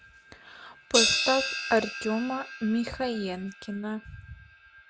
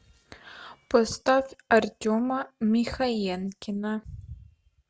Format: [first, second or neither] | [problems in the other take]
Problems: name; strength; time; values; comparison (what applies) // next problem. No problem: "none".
second | background sound (Crash cymbal); 3 dB below the speech